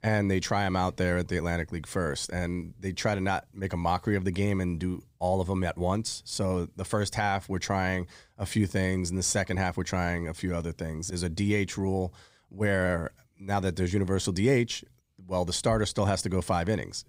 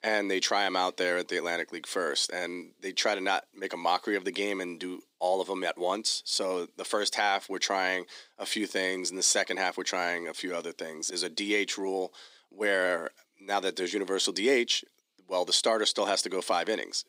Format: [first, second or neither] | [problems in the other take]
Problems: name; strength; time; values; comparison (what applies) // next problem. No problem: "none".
first | thin; somewhat; fading below 300 Hz